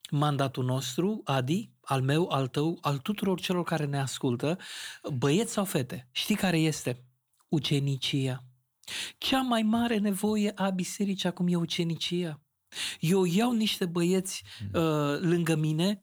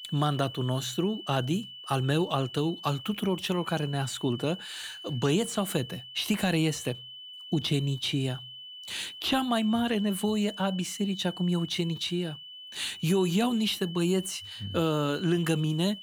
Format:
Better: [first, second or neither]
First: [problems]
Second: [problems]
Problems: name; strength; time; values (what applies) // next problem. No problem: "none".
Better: first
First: none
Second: high-pitched whine; noticeable; throughout; 3 kHz, 10 dB below the speech